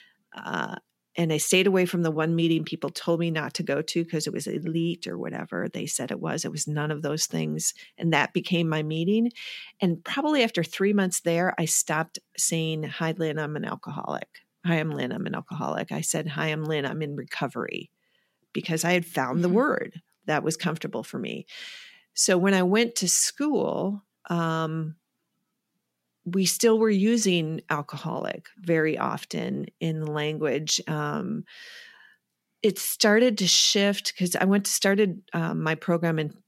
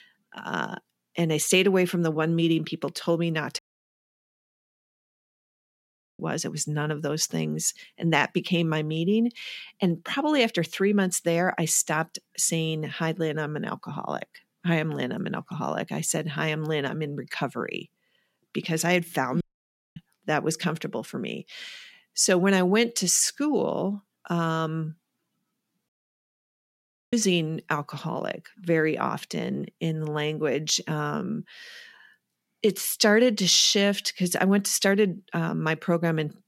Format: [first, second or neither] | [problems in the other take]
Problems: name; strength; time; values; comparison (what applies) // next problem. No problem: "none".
first | audio cutting out; at 3.5 s for 2.5 s, at 19 s for 0.5 s and at 26 s for 1 s